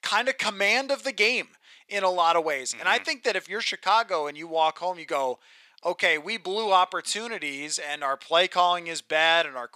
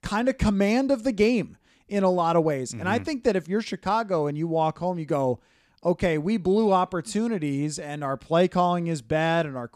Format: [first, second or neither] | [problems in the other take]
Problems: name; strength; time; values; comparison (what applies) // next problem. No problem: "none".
second | thin; very; fading below 800 Hz